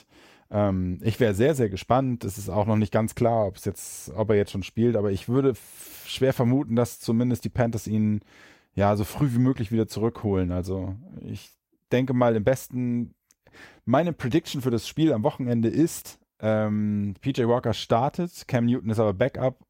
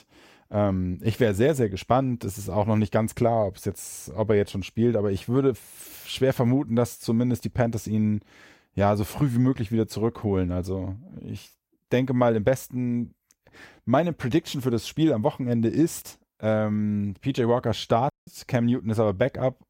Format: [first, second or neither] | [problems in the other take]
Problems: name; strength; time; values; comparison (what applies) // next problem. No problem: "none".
first | audio cutting out; at 18 s